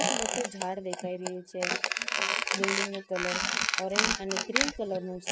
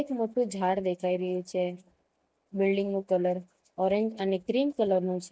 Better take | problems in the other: second | background sound (Squeak); 5 dB above the speech

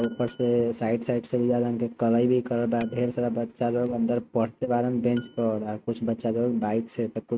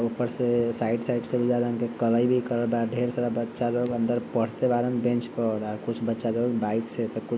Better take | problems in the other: second | noise reduction (neural mask model RNNoise)

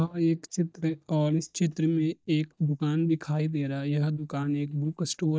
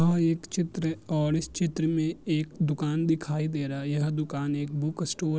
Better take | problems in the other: second | noise reduction (neural mask model DeepFilterNet 3)

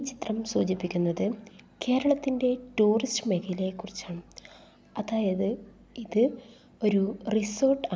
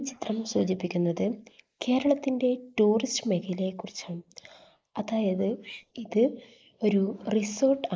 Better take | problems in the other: first | noise reduction (neural mask model Resemble Enhance denoiser)

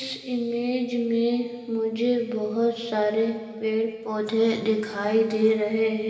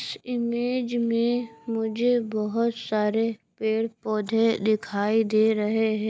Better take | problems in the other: second | room echo; dies away in 2.3 s

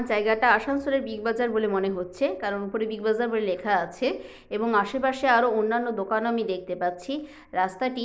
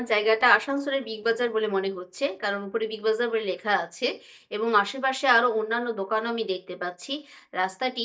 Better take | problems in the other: first | noise reduction (neural mask model DeepFilterNet 3)

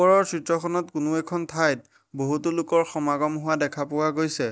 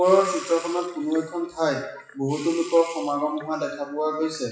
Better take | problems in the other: first | noise reduction (classical method WPE with log-MMSE)

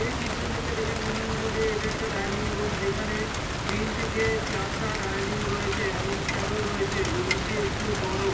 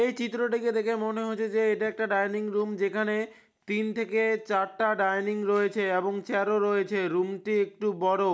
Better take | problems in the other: second | background sound (Rain); 3 dB above the speech // room echo; dies away in 0.2 s

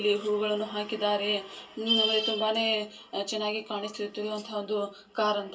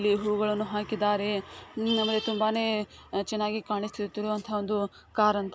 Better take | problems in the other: second | room echo; dies away in 0.2 s

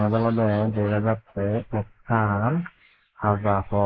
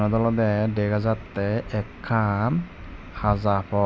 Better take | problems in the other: second | noise reduction (neural mask model Resemble Enhance denoiser)

